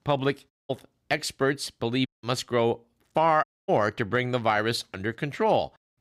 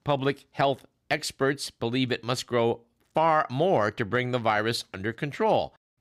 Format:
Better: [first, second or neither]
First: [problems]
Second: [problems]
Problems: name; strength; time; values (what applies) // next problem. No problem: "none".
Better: second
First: audio cutting out; at 0.5 s, at 2 s and at 3.5 s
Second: none